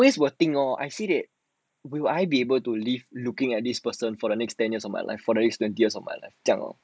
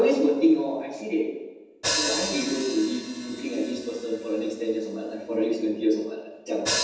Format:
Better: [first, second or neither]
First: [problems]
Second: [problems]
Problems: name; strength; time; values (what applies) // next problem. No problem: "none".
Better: first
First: none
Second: background sound (Hi-hat); 8 dB below the speech // room echo; dies away in 1.1 s